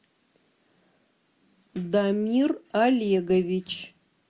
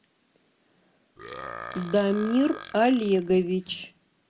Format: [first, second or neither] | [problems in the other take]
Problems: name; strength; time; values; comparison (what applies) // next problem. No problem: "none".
first | background sound (Burping, eructation); 15 dB below the speech